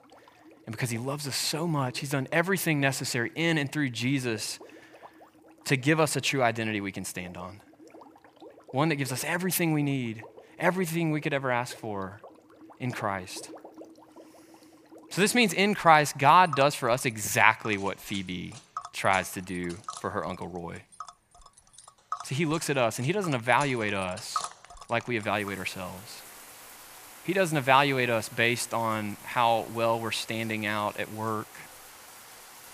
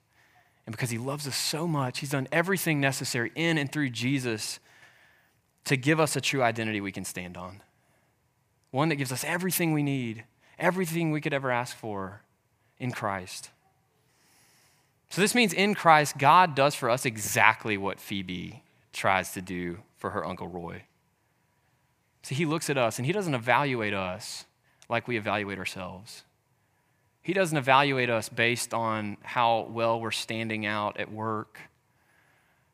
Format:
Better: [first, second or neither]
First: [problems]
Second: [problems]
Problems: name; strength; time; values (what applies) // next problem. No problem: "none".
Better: second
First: household noises; noticeable; throughout; 20 dB below the speech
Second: none